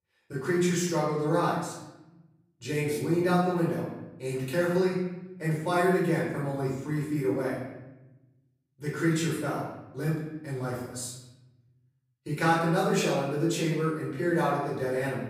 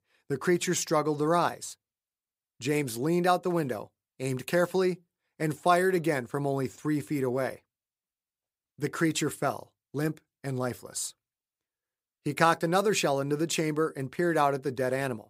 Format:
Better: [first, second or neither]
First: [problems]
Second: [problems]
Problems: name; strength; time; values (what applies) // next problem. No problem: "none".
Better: second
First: off-mic speech; far // room echo; noticeable; dies away in 1 s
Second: none